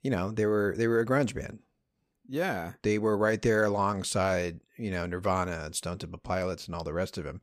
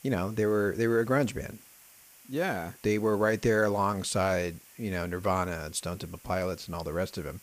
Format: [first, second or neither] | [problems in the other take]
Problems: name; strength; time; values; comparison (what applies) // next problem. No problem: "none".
first | hiss; faint; throughout; 25 dB below the speech